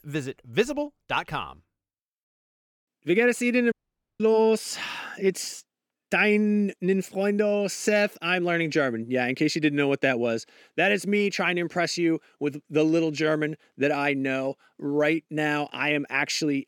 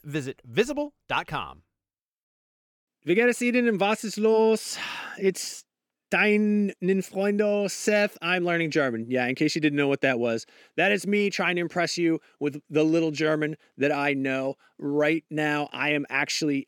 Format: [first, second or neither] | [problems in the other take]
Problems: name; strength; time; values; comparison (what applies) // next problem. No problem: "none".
second | audio cutting out; at 3.5 s